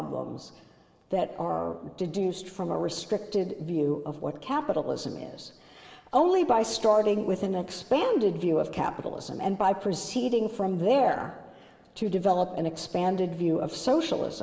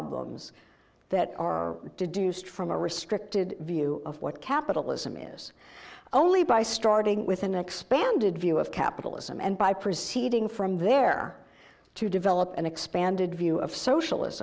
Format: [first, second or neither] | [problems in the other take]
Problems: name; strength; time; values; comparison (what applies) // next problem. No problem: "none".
second | room echo; dies away in 2 s